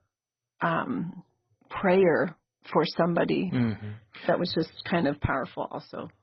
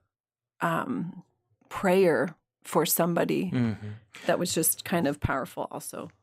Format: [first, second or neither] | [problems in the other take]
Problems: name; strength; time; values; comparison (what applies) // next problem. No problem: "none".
second | garbled, watery; badly; nothing above 5.5 kHz